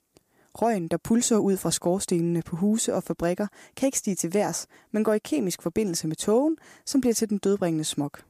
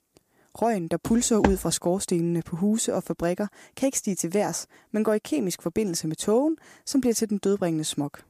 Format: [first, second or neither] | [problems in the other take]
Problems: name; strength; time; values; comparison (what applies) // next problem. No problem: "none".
first | footsteps; noticeable; at 1 s; peak 2 dB below the speech